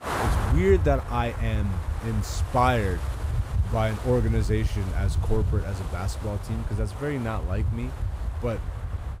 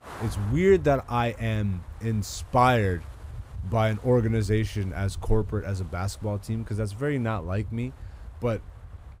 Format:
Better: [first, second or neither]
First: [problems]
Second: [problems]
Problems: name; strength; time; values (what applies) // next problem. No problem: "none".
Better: second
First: wind noise on the microphone; heavy; 9 dB below the speech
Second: wind noise on the microphone; occasional gusts; 20 dB below the speech